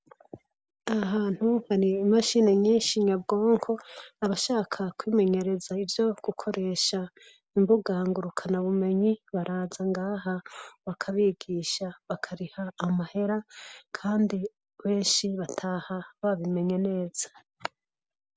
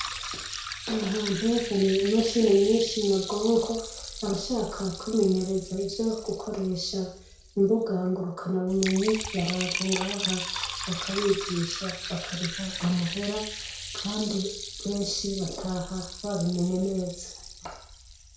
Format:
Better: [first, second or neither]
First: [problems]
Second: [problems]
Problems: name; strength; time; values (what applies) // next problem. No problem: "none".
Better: first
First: none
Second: background sound (Liquid); 9 dB below the speech // room echo; dies away in 0.5 s